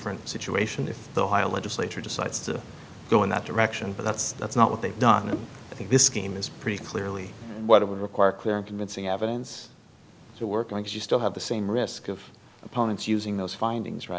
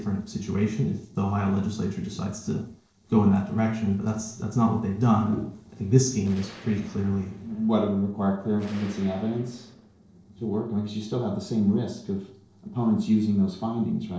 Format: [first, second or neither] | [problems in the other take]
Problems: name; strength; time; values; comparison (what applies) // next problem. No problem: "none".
first | noise reduction (neural separator model SepFormer DNS4)